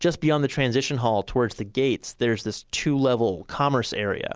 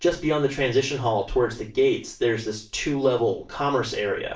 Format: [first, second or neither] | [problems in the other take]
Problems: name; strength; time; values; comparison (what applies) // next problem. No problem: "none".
first | room echo; dies away in 0.3 s